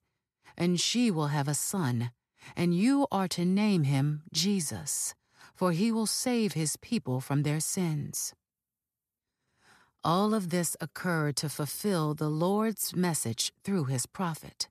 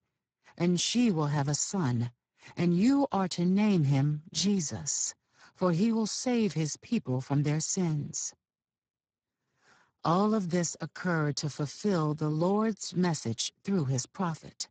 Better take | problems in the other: first | garbled, watery; badly; nothing above 7.5 kHz

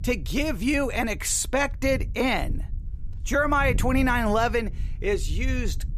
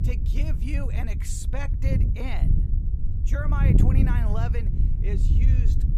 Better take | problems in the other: first | wind noise on the microphone; heavy; 2 dB below the speech; occasional gusts in the first

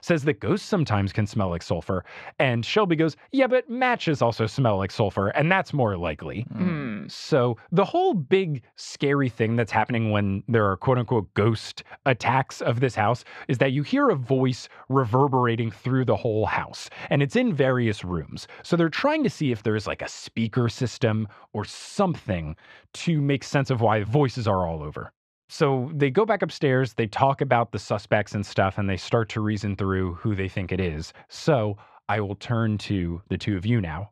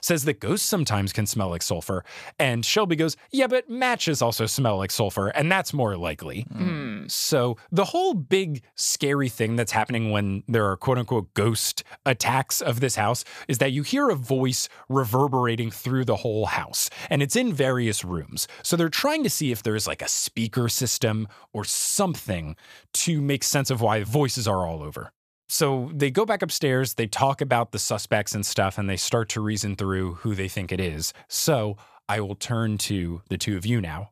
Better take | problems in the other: second | muffled; slightly; fading above 2.5 kHz

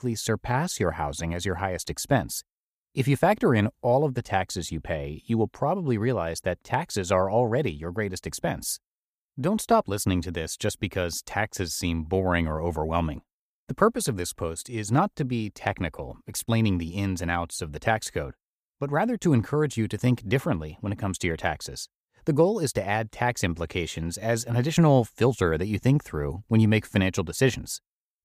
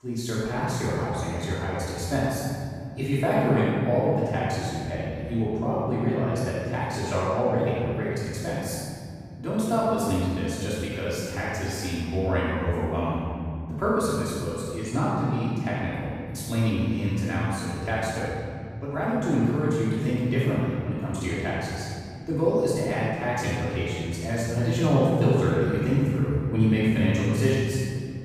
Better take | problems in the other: first | off-mic speech; far // room echo; strong; dies away in 2.8 s

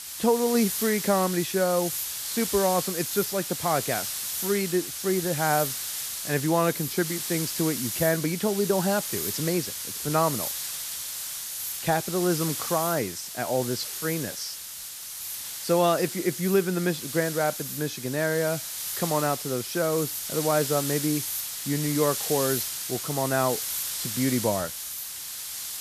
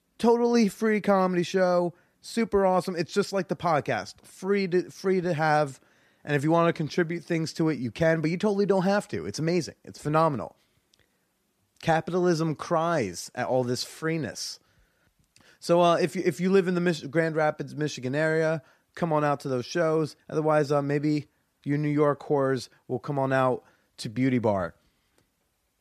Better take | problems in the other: second | hiss; loud; throughout; 3 dB below the speech

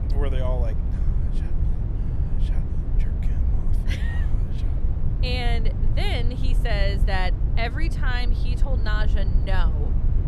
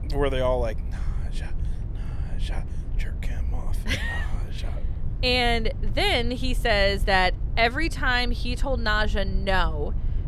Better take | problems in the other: second | low rumble; loud; throughout; 10 dB below the speech; faint in the second

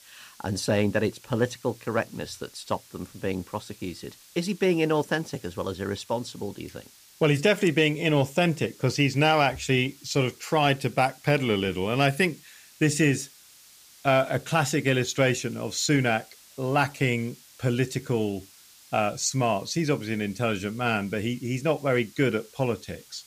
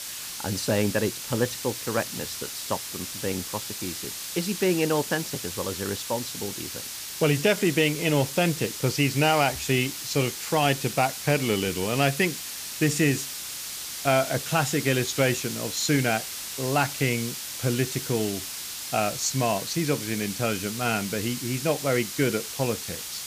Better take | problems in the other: first | hiss; loud; throughout; 6 dB below the speech; faint in the first

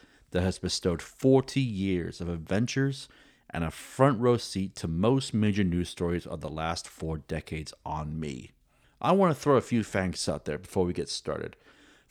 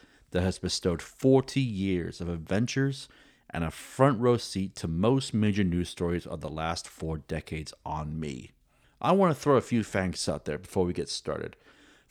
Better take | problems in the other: neither | none

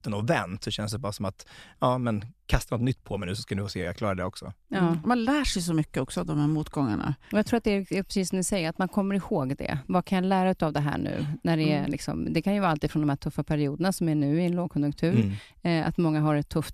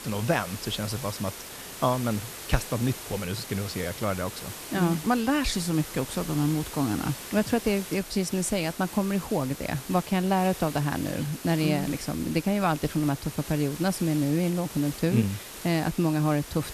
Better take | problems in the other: first | hiss; noticeable; throughout; 10 dB below the speech

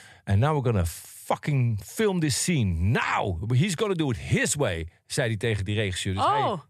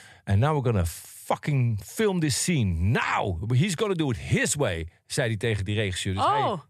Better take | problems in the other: neither | none

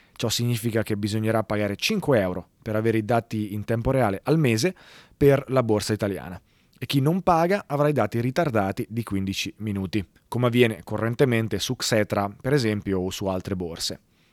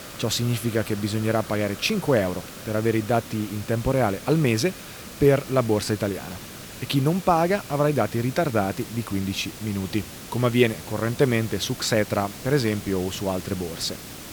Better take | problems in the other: first | hiss; noticeable; throughout; 15 dB below the speech

